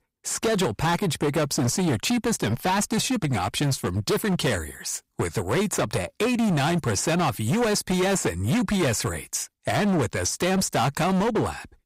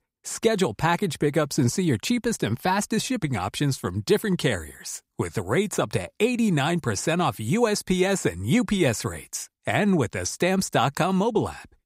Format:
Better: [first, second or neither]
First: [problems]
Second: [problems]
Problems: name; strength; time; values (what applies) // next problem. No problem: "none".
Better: second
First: distortion; heavy; 22% of the sound clipped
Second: none